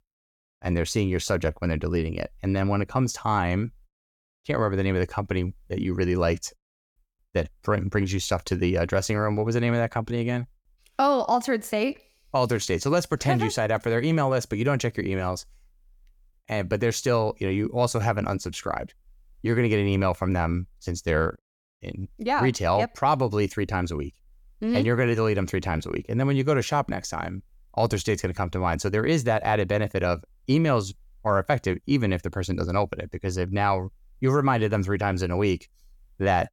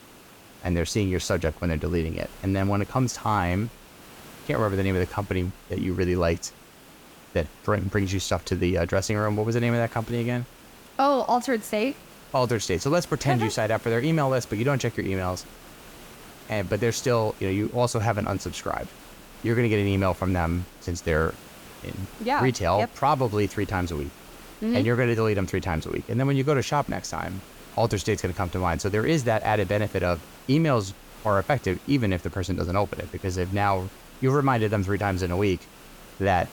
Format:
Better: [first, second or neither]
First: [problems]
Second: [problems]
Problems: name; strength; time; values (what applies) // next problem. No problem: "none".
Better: first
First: none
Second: hiss; faint; throughout; 20 dB below the speech